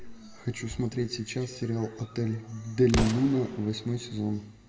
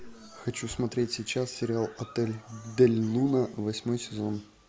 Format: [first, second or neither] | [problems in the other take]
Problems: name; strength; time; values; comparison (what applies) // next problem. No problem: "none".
second | background sound (Explosion); 9 dB below the speech // room echo; dies away in 1 s